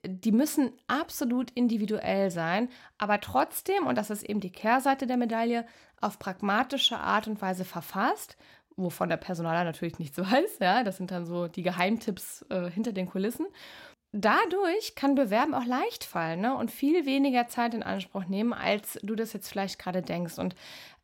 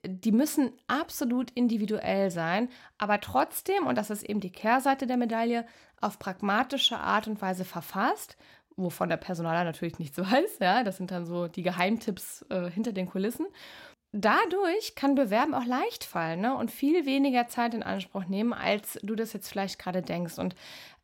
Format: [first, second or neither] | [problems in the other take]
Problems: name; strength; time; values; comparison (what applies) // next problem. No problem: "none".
neither | none